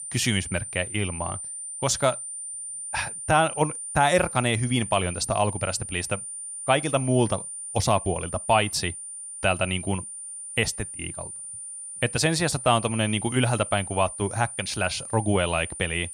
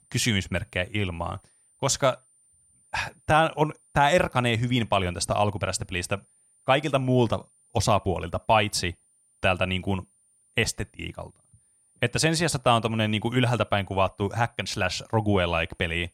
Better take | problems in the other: second | high-pitched whine; loud; throughout; 9 kHz, 8 dB below the speech; faint in the second

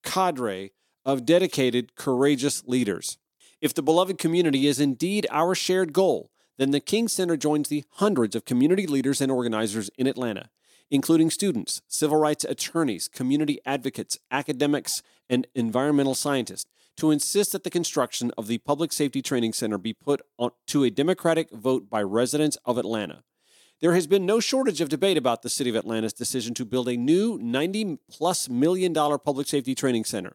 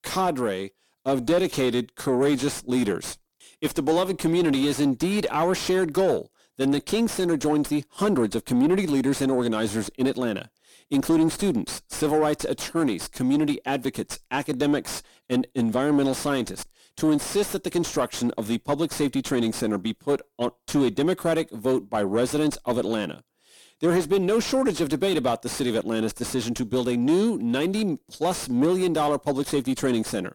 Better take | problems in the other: first | distortion; slight; 9 dB below the speech

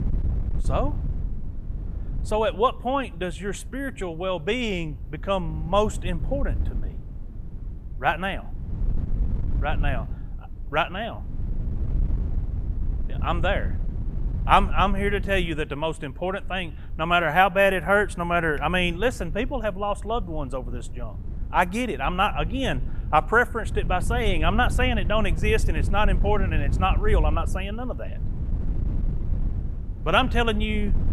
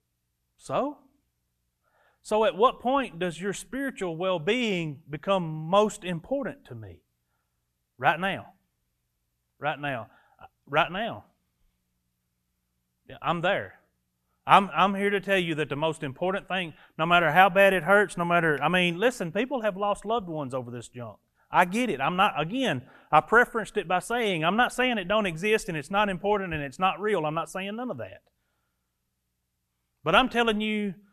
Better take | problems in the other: second | wind noise on the microphone; occasional gusts; 20 dB below the speech

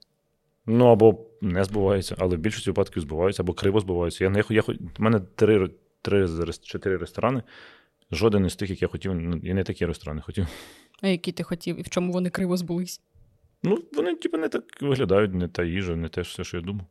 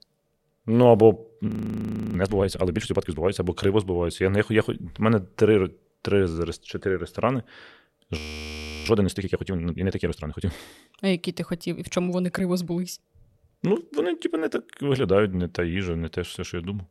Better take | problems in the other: first | audio freezing; at 1.5 s for 0.5 s and at 8 s for 0.5 s

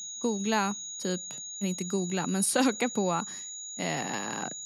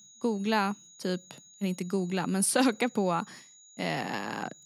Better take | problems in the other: second | high-pitched whine; loud; throughout; 7 kHz, 7 dB below the speech; faint in the second

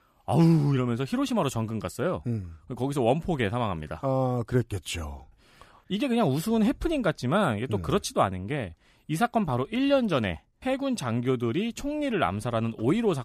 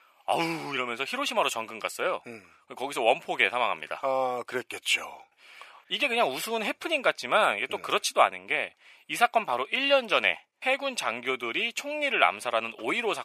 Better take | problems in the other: first | thin; very; fading below 700 Hz

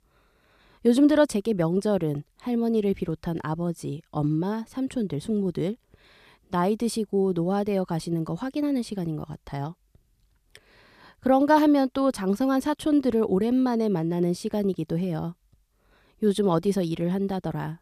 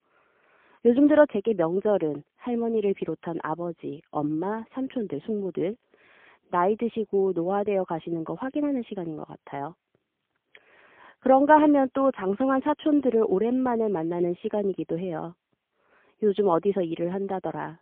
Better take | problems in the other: first | phone-call audio; poor line; nothing above 3 kHz

